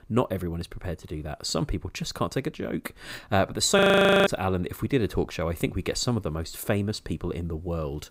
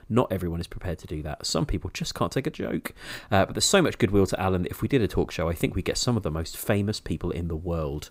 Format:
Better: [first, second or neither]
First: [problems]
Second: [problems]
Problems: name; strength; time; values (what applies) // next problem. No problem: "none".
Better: second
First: audio freezing; at 4 s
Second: none